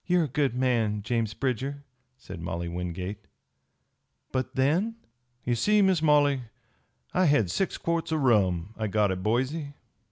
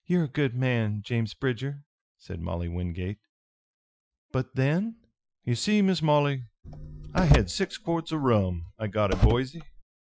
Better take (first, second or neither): first